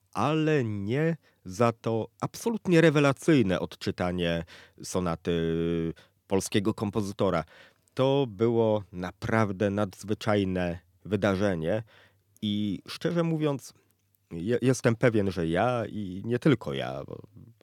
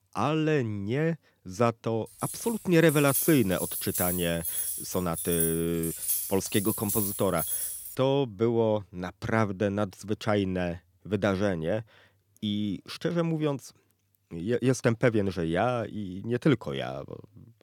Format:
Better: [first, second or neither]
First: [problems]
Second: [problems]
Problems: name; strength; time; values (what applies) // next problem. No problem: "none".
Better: first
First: none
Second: jangling keys; loud; from 2 to 8 s; peak 1 dB above the speech